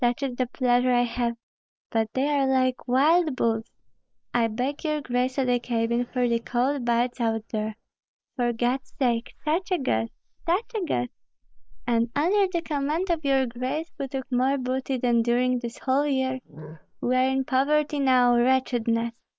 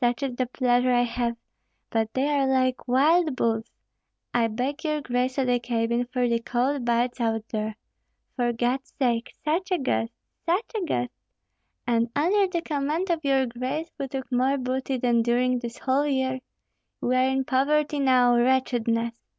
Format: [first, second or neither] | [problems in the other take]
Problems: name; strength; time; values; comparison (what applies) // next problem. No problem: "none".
second | noise reduction (neural mask model Resemble Enhance denoiser)